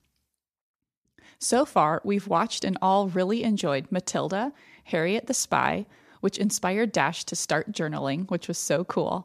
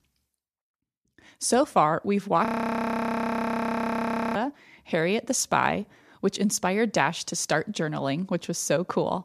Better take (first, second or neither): first